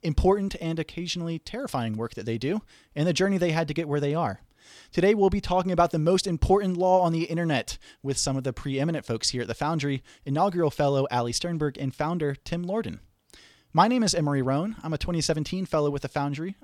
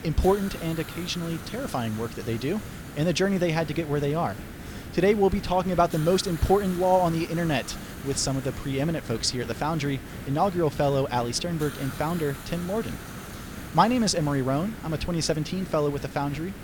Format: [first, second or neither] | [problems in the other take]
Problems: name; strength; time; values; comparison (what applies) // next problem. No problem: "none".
first | hiss; noticeable; throughout; 10 dB below the speech